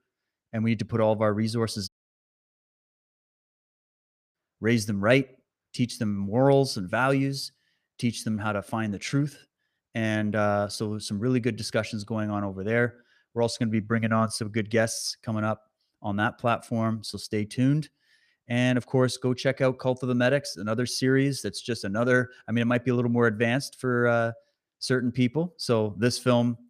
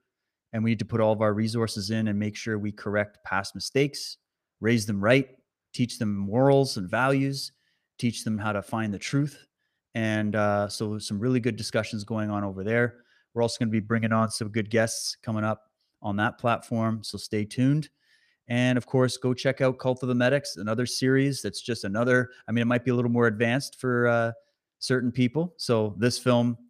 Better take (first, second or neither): second